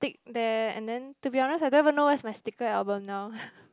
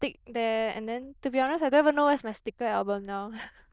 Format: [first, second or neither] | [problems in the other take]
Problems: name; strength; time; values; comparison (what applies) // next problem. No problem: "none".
first | noise reduction (neural diffusion model UNIVERSE++)